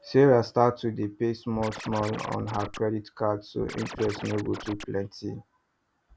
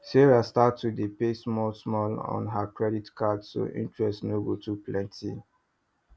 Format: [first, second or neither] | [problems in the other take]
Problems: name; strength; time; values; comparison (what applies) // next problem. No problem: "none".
second | background sound (Scratching (performance technique)); 12 dB below the speech